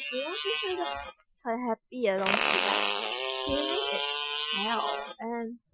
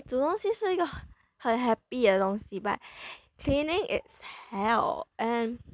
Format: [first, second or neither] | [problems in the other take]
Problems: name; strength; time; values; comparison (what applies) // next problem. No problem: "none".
second | noise reduction (classical method Wiener filter)